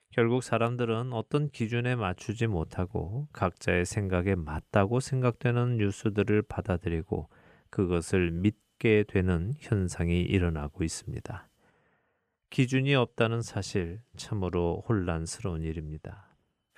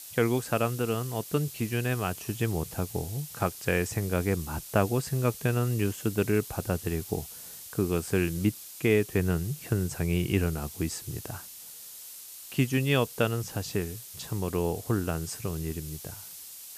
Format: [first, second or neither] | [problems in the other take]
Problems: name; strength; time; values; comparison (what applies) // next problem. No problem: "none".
first | hiss; noticeable; throughout; 10 dB below the speech